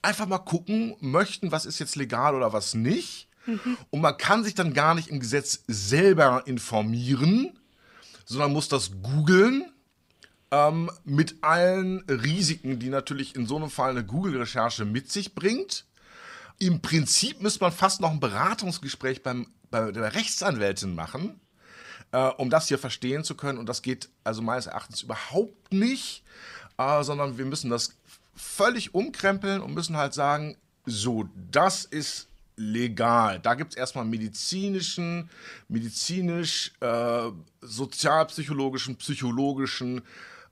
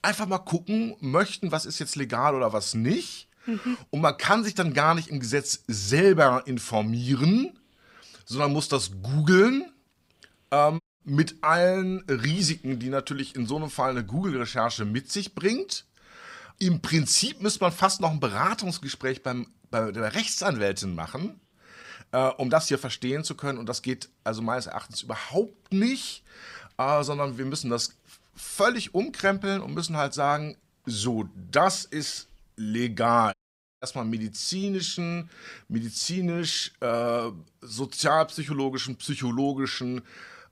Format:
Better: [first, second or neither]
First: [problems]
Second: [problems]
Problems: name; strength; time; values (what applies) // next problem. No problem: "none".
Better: first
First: none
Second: audio cutting out; at 11 s and at 33 s